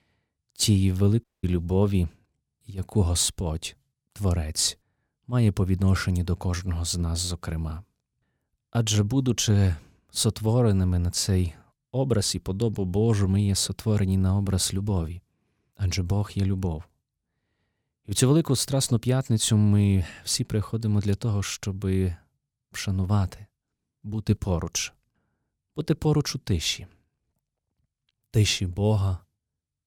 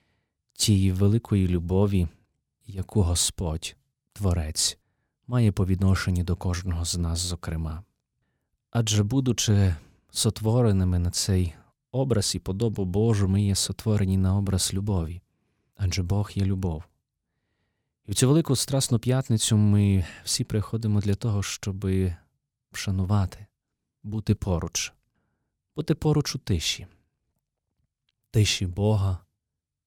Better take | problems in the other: second | audio cutting out; at 1 s

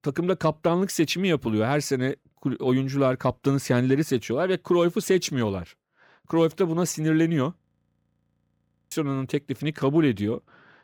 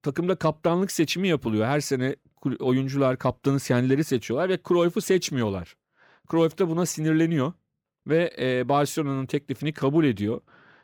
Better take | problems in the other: second | audio freezing; at 7.5 s for 1.5 s

